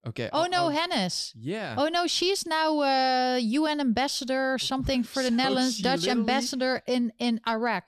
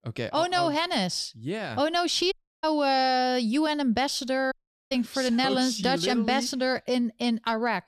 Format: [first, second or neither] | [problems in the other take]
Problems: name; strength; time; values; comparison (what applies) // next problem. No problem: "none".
first | audio cutting out; at 2.5 s and at 4.5 s